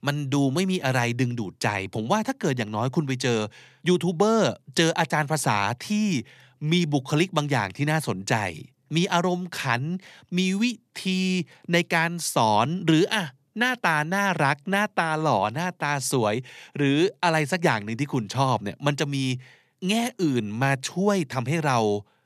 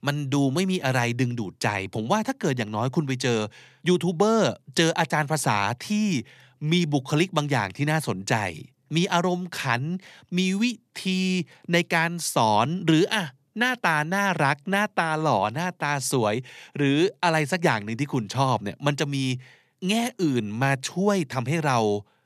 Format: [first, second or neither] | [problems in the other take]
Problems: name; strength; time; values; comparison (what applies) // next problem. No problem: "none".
neither | none